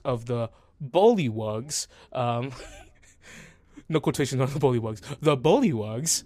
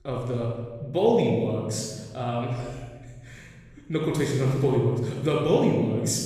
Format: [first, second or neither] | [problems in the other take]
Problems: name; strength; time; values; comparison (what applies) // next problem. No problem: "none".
first | off-mic speech; somewhat distant // room echo; noticeable; dies away in 1.5 s